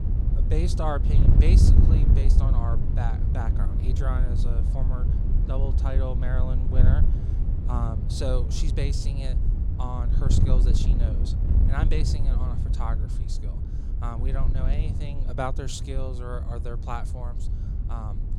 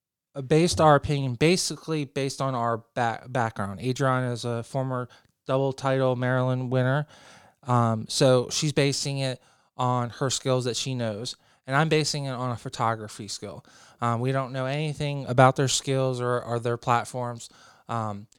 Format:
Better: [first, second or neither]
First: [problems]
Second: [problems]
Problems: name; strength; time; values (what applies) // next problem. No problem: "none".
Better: second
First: wind noise on the microphone; heavy; 4 dB below the speech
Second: none